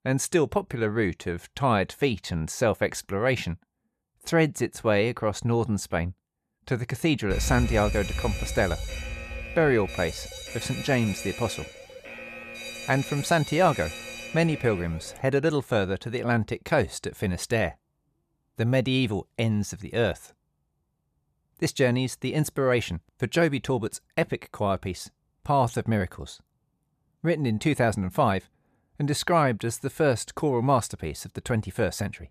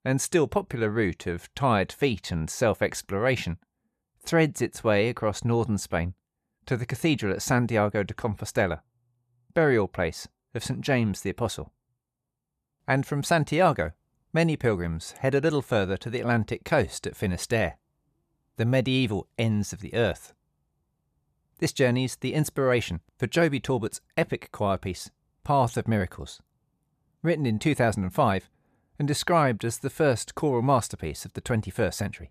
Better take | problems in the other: second | alarm; noticeable; from 7.5 to 15 s; peak 3 dB below the speech

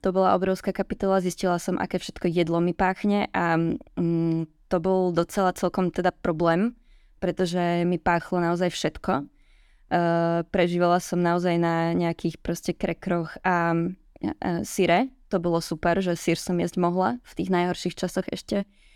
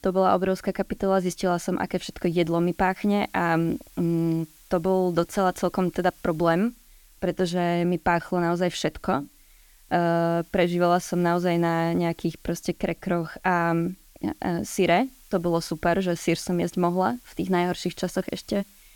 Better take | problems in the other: first | hiss; faint; throughout; 30 dB below the speech

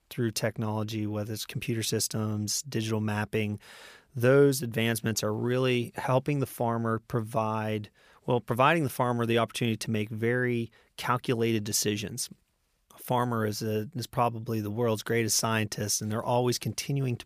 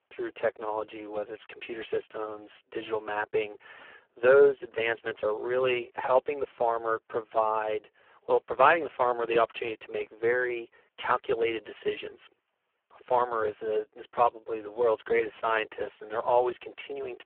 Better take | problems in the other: first | phone-call audio; poor line

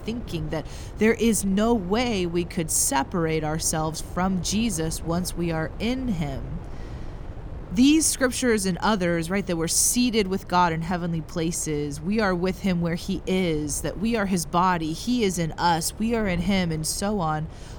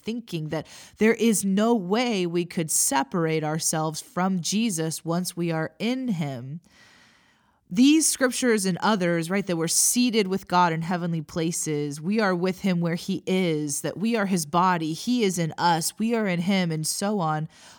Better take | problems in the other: second | wind noise on the microphone; occasional gusts; 20 dB below the speech

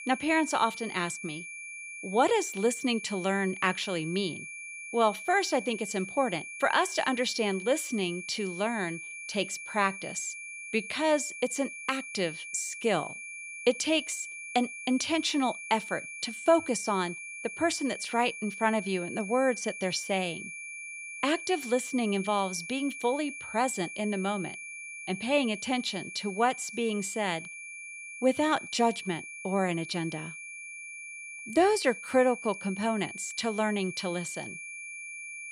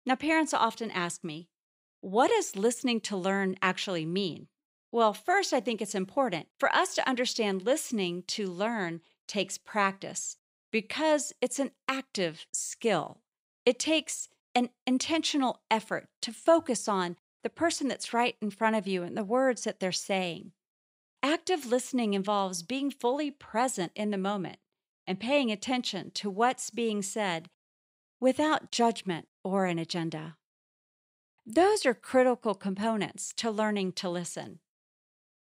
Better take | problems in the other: second | high-pitched whine; loud; throughout; 2.5 kHz, 10 dB below the speech

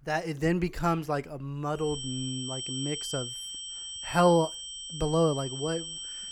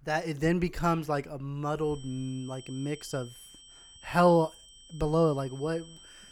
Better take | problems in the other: second | high-pitched whine; loud; from 2 s on; 3 kHz, 6 dB below the speech; faint in the second

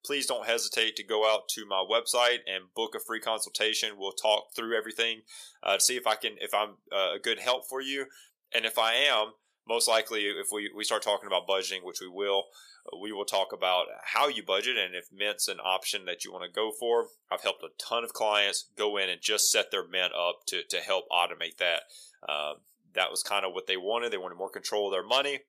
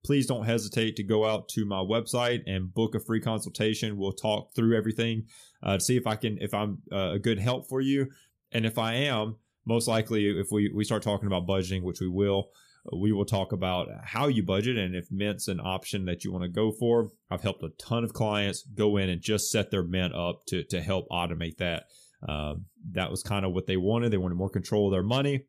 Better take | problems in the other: second | thin; very; fading below 600 Hz

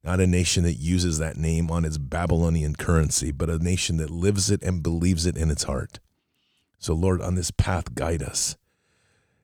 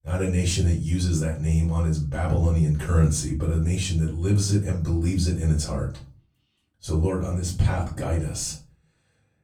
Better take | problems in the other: first | off-mic speech; far // room echo; slight; dies away in 0.3 s

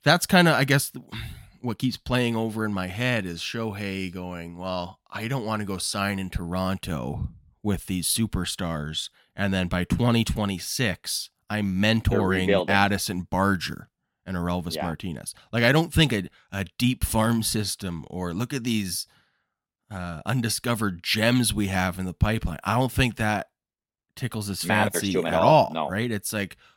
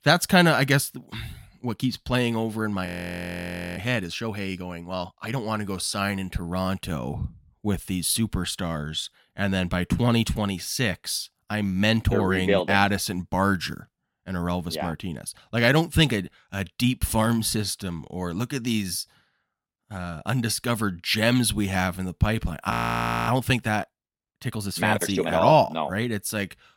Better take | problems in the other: first | audio freezing; at 3 s for 1 s and at 23 s for 0.5 s

